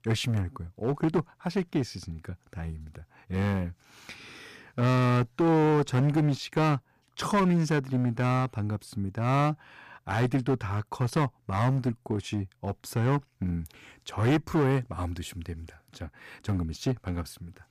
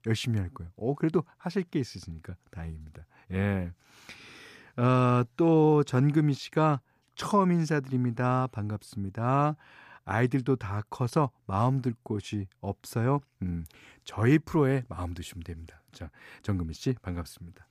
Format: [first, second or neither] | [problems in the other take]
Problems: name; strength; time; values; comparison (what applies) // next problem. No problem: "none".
second | distortion; slight; 8% of the sound clipped